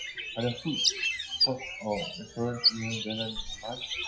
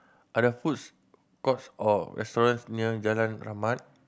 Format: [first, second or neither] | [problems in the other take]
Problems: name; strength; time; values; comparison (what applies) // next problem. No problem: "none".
second | noise reduction (classical method WPE with log-MMSE)